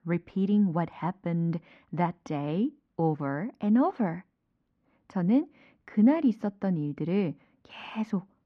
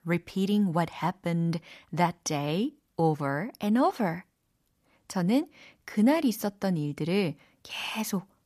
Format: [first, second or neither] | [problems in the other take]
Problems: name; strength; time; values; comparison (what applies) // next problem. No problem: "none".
second | muffled; very; fading above 2 kHz